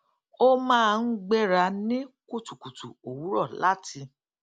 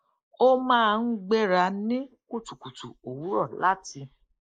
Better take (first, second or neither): first